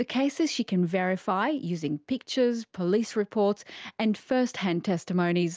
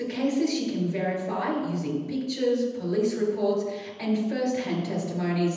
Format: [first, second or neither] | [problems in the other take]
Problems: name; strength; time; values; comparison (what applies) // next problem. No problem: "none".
first | room echo; dies away in 1.1 s